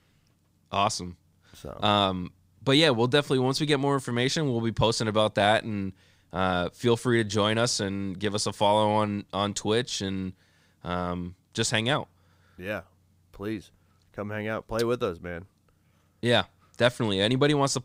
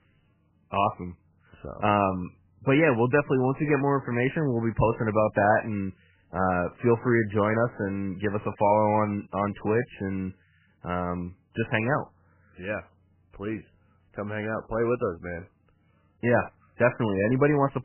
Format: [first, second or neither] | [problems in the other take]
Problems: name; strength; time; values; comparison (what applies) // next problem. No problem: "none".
first | garbled, watery; badly; nothing above 3 kHz